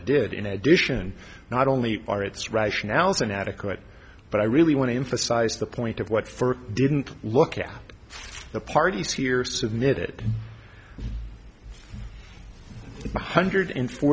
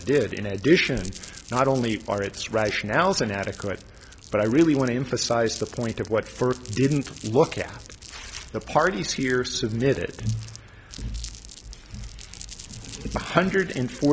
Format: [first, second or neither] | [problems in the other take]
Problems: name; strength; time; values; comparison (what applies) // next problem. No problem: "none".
first | background sound (Crumpling, crinkling); 20 dB below the speech